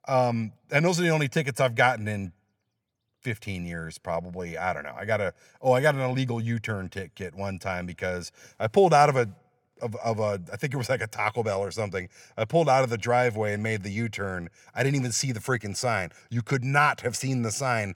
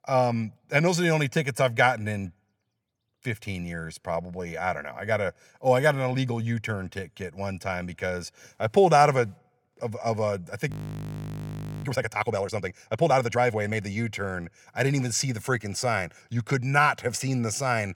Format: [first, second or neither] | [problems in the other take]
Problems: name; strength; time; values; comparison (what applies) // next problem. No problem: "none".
first | audio freezing; at 11 s for 1 s